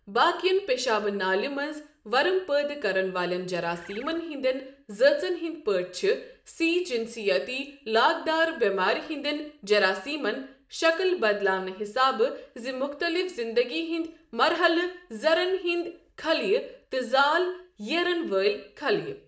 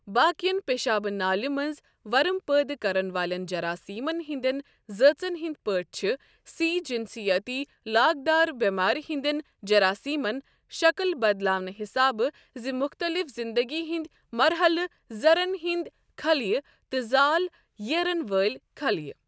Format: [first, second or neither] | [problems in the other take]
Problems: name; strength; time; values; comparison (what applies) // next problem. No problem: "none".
second | background sound (Bird); 20 dB below the speech // room echo; dies away in 0.6 s